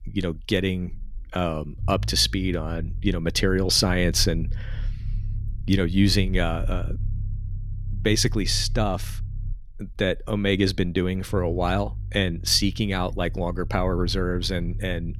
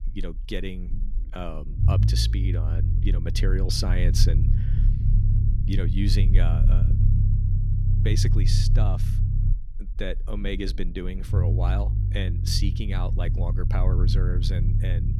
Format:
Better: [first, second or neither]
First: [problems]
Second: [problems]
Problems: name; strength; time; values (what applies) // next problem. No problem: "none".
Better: first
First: low rumble; faint; throughout; 25 dB below the speech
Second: low rumble; loud; throughout; 5 dB below the speech